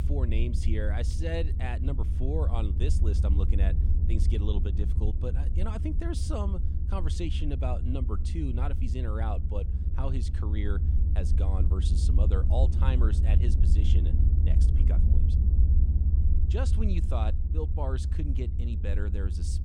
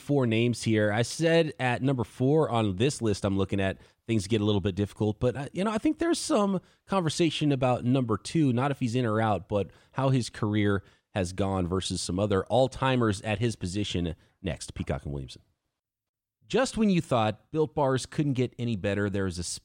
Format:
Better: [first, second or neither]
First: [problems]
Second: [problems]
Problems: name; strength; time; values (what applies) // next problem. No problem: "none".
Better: second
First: low rumble; loud; throughout; 5 dB below the speech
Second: none